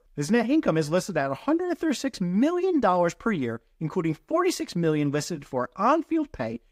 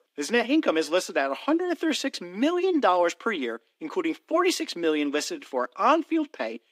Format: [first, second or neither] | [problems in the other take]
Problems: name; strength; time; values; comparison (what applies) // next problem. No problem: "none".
first | thin; very slightly; fading below 250 Hz